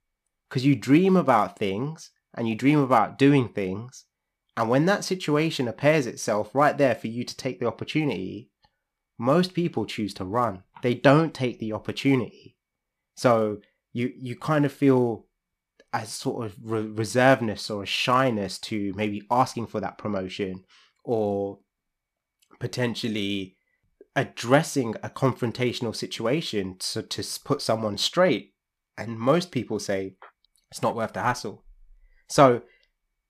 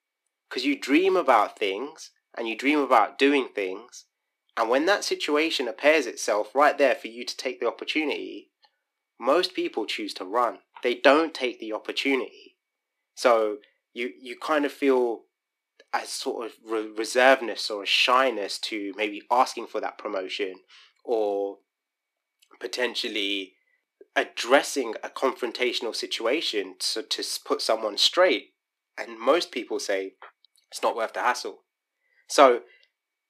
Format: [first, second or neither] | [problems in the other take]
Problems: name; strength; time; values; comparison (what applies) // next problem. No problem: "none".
first | thin; somewhat; fading below 300 Hz